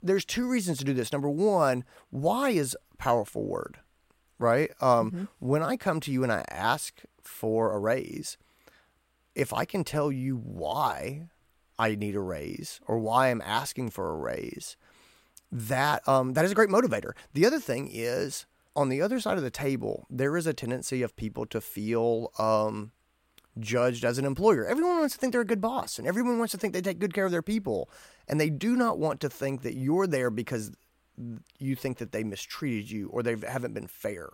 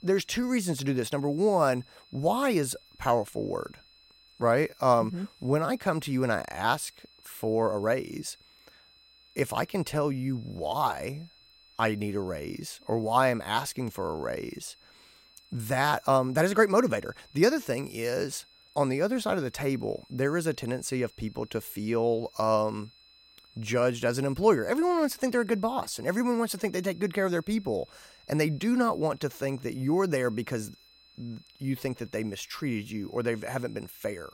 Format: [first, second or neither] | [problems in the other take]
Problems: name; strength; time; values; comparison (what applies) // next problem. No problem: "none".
first | high-pitched whine; faint; throughout; 4 kHz, 25 dB below the speech